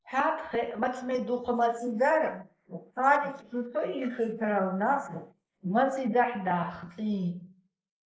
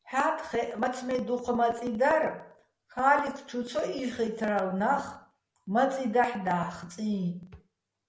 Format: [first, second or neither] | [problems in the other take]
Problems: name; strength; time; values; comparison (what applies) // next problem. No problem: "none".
second | noise reduction (neural mask model Resemble Enhance denoiser)